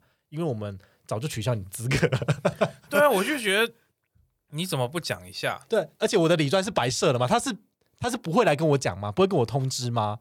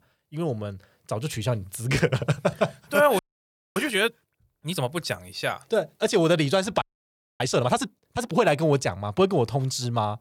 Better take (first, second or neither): first